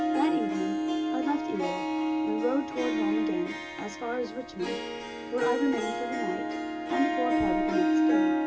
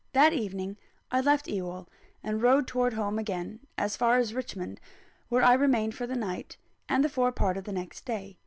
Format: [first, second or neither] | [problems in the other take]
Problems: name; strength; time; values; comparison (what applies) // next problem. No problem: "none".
second | background sound (Harp); 5 dB above the speech // room echo; dies away in 0.2 s